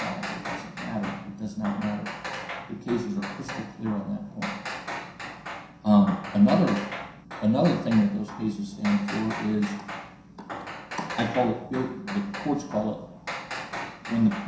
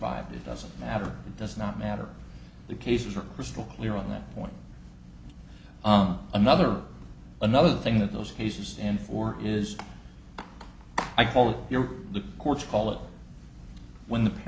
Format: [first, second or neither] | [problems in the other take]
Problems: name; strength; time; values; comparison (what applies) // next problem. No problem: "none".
second | background sound (Hammer); 10 dB below the speech // room echo; dies away in 0.7 s